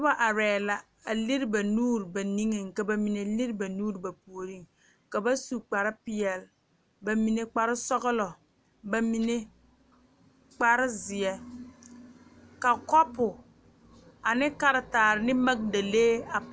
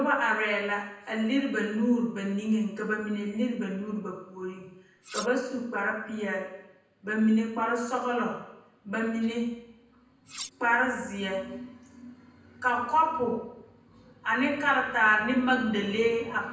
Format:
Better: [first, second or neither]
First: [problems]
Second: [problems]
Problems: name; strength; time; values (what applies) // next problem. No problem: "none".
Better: first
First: none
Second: background sound (Cutlery, silverware); 14 dB below the speech // room echo; dies away in 0.9 s